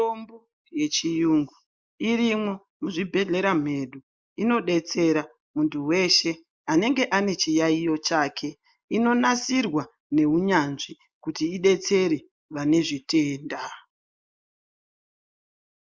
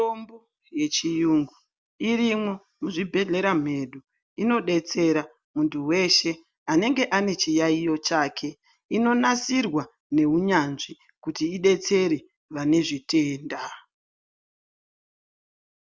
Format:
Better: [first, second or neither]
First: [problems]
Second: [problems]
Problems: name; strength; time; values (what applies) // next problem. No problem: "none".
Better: second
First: noise reduction (neural mask model Resemble Enhance denoiser)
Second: none